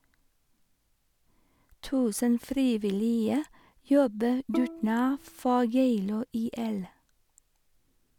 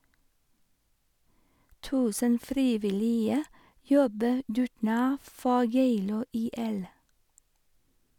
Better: second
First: background sound (Bowed string instrument); 12 dB below the speech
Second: none

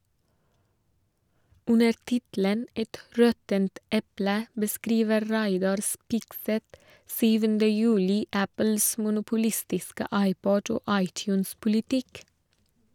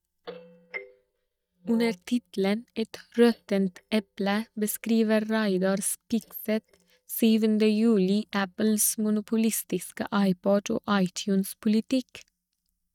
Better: first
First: none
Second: noise reduction (neural mask model DeepFilterNet 3)

